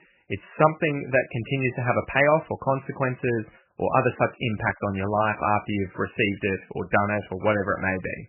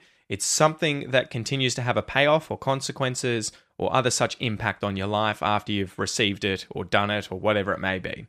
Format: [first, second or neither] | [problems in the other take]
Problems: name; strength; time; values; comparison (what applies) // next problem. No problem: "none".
second | garbled, watery; badly; nothing above 3 kHz